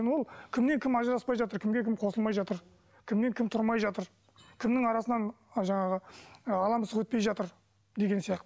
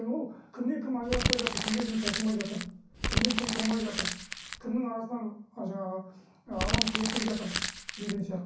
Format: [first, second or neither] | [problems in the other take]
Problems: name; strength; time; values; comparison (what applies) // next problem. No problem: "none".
first | background sound (Crumpling, crinkling); as loud as the speech // room echo; dies away in 0.6 s